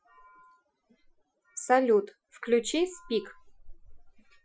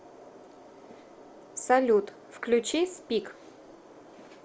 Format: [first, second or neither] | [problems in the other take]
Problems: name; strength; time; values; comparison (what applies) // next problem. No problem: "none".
second | noise reduction (classical method Wiener filter)